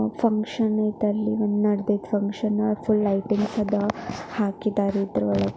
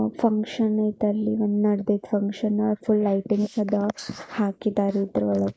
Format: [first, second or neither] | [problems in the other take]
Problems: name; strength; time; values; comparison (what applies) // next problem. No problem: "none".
first | noise reduction (neural mask model Resemble Enhance denoiser)